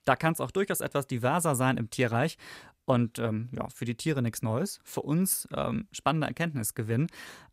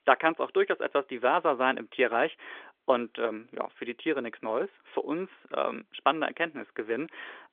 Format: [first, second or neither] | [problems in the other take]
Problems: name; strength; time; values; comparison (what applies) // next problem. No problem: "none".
first | phone-call audio; nothing above 3.5 kHz